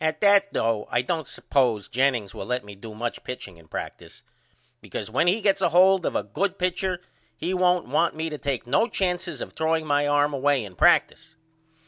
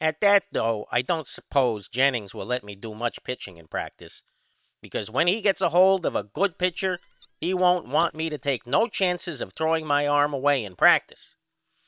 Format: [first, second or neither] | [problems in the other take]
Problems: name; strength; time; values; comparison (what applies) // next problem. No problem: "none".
first | noise reduction (neural separator model SepFormer WHAM!)